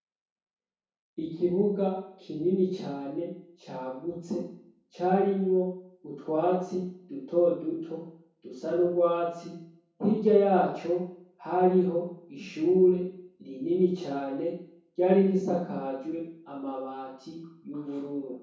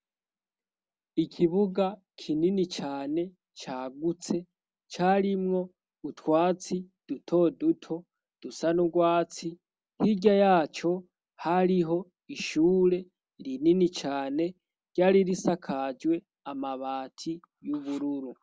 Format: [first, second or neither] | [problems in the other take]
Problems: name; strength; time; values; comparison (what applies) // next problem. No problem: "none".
second | room echo; dies away in 0.6 s